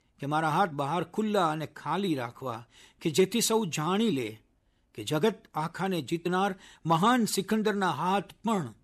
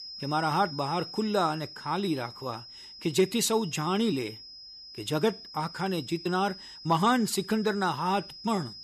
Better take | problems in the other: first | high-pitched whine; noticeable; throughout; 5 kHz, 15 dB below the speech

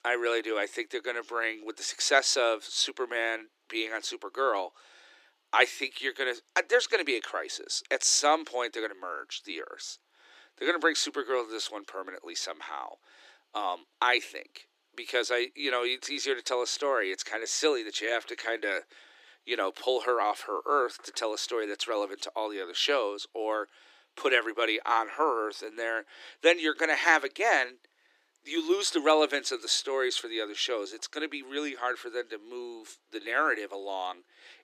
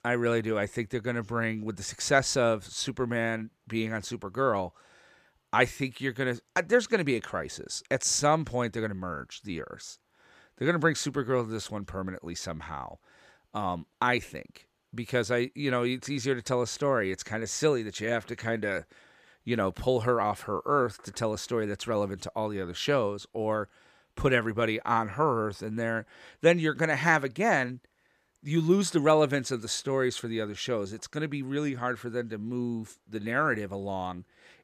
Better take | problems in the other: second | thin; very; fading below 300 Hz

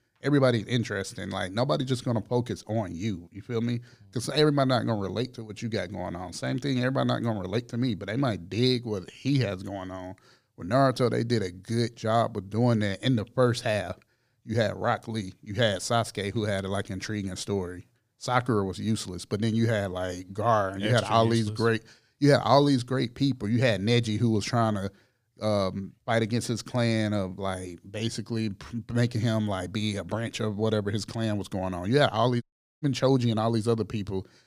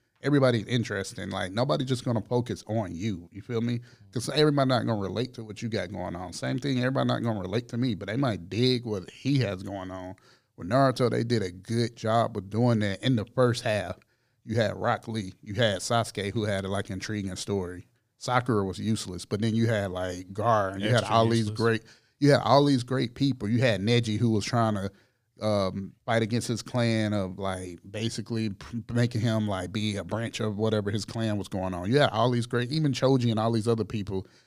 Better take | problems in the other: second | audio cutting out; at 32 s

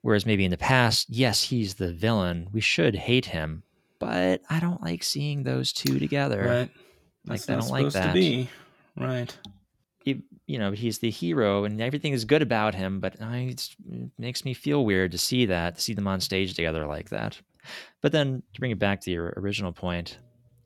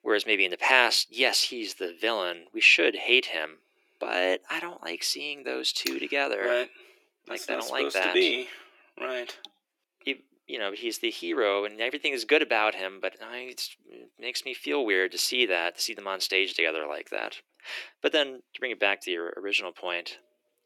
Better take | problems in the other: first | thin; very; fading below 350 Hz

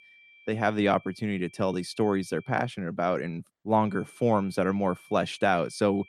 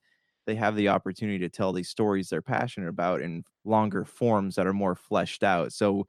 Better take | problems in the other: second | high-pitched whine; faint; until 2.5 s and from 4 s on; 2.5 kHz, 25 dB below the speech

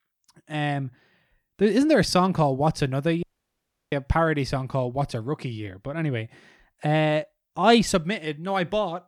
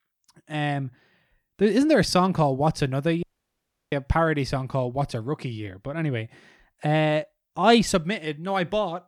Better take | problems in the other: neither | audio cutting out; at 3 s for 0.5 s; the same in both

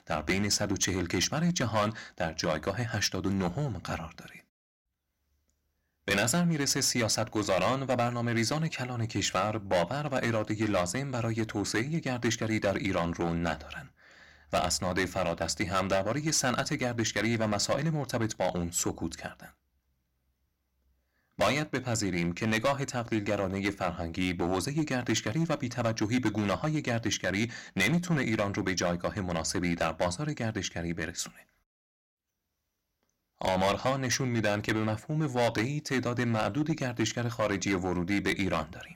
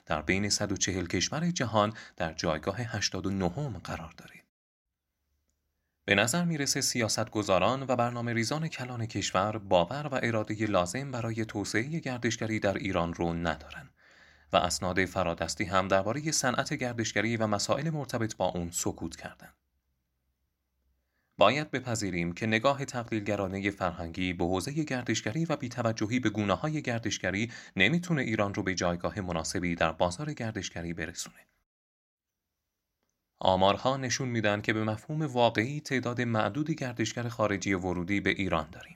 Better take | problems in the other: second | distortion; heavy; 5% of the sound clipped

